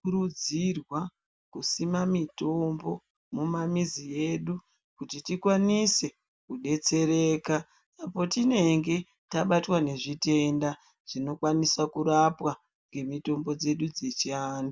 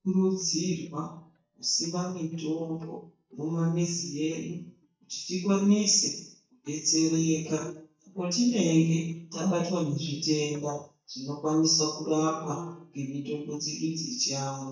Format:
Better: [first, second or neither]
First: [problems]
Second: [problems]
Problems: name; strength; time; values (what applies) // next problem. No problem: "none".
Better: first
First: none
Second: noise reduction (neural mask model DeepFilterNet 3)